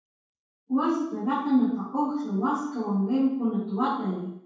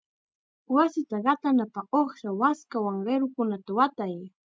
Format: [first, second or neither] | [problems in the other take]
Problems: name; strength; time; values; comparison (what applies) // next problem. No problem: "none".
second | room echo; dies away in 0.6 s